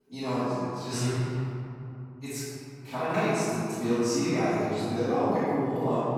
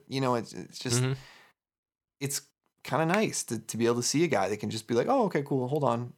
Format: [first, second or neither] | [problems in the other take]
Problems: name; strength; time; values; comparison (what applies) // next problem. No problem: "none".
second | room echo; strong; dies away in 2.8 s // off-mic speech; far